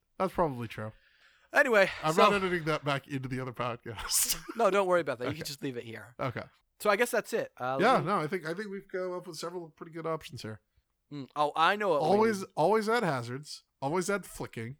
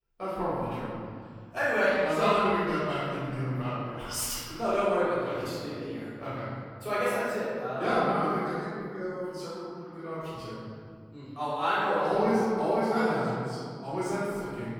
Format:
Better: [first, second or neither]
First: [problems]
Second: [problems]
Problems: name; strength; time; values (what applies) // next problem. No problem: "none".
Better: first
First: none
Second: off-mic speech; far // room echo; strong; dies away in 2.3 s